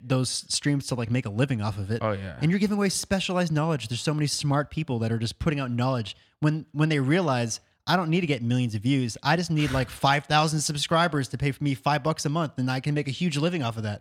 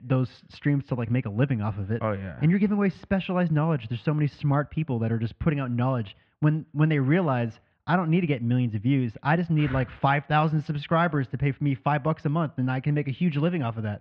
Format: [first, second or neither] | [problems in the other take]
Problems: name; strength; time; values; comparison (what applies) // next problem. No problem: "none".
first | muffled; very; fading above 2.5 kHz